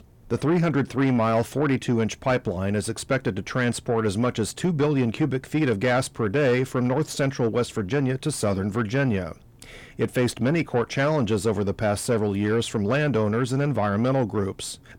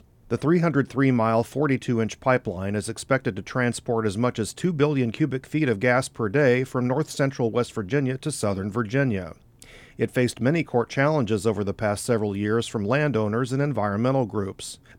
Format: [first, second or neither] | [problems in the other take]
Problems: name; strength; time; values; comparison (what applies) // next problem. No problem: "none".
second | distortion; slight; 10 dB below the speech